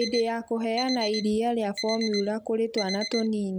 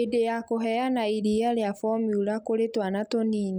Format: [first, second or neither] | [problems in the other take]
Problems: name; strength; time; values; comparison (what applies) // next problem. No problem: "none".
second | background sound (Alarm); 10 dB below the speech